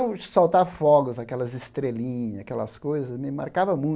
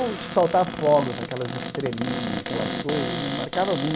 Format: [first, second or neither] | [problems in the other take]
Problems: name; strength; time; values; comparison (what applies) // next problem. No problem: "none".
first | background sound (Cupboard open or close); 5 dB below the speech